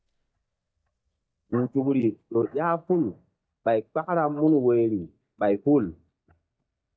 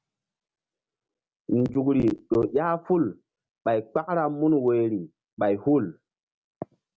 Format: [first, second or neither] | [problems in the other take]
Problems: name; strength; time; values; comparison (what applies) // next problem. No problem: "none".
second | noise reduction (neural mask model DeepFilterNet 3)